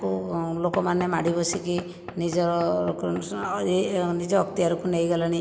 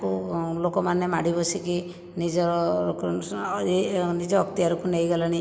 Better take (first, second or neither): second